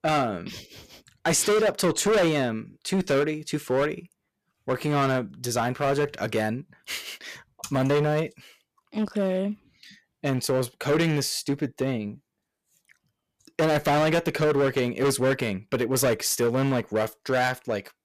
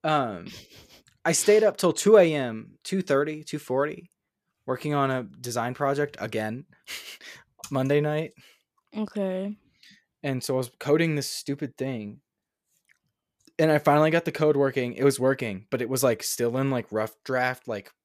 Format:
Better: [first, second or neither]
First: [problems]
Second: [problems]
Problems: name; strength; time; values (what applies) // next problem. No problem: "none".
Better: second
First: distortion; heavy; 10% of the sound clipped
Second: none